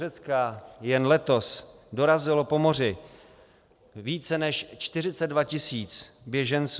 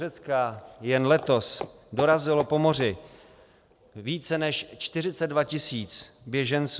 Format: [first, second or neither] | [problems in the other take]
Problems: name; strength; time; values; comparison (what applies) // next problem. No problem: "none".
first | background sound (Walk, footsteps); 13 dB below the speech